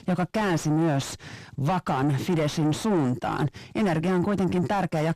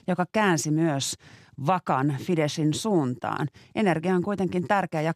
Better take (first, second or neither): second